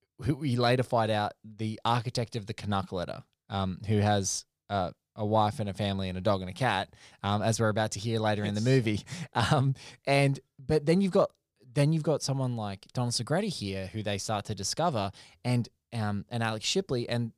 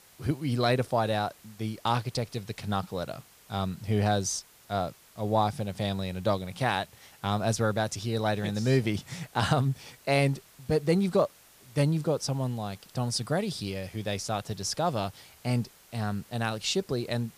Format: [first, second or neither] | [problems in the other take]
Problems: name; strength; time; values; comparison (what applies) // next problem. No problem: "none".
first | hiss; faint; throughout; 25 dB below the speech